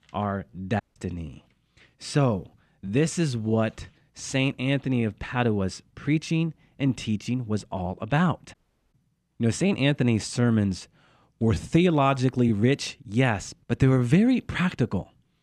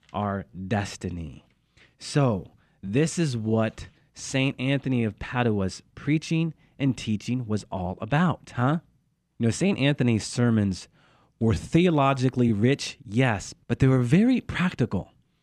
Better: second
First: audio cutting out; at 1 s and at 8.5 s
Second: none

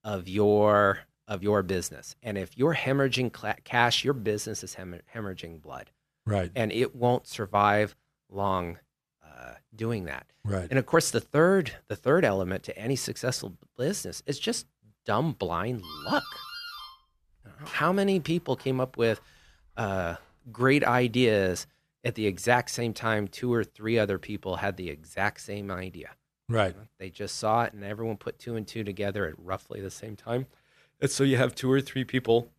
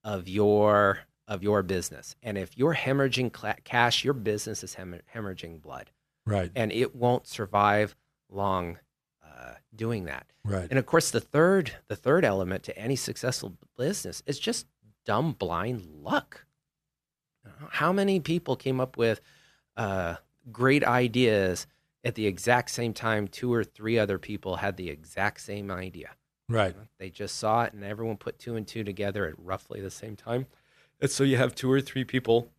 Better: second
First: doorbell; noticeable; from 16 to 20 s; peak 10 dB below the speech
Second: none

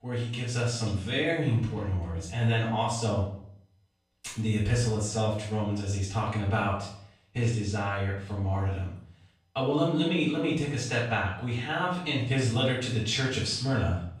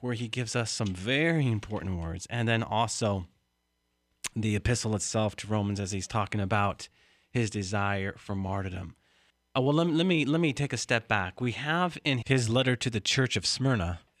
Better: second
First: off-mic speech; far // room echo; noticeable; dies away in 0.5 s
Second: none

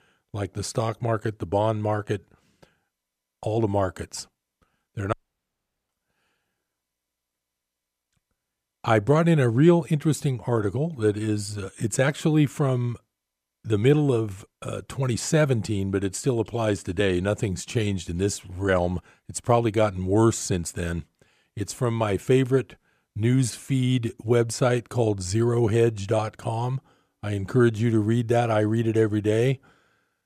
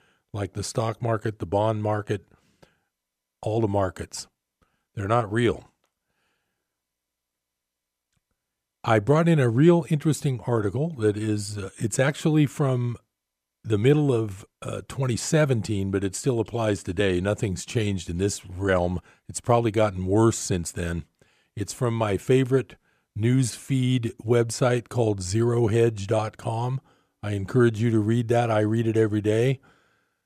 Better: second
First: audio cutting out; at 5 s for 1 s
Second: none

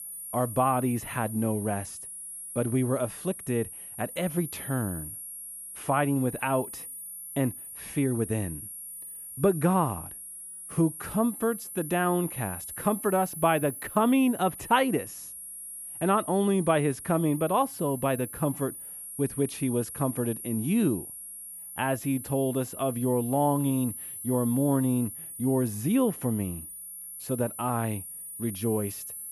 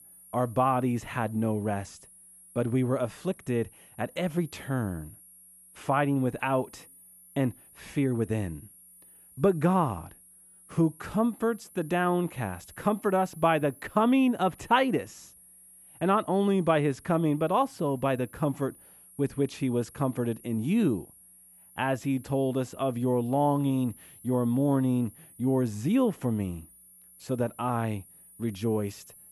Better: second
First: high-pitched whine; loud; throughout; 10 kHz, 10 dB below the speech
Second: high-pitched whine; faint; throughout; 10 kHz, 25 dB below the speech

